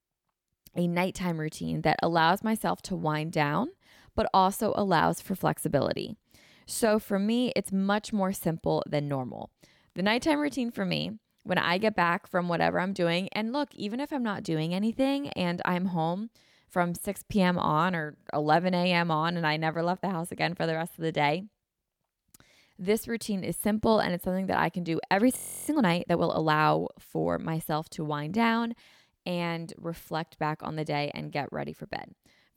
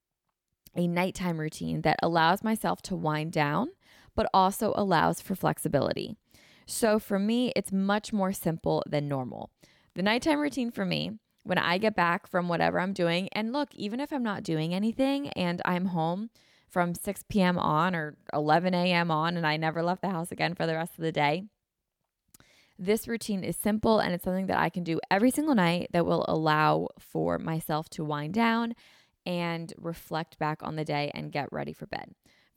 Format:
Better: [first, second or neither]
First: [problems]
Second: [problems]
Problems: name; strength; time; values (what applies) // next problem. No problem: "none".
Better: second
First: audio freezing; at 25 s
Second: none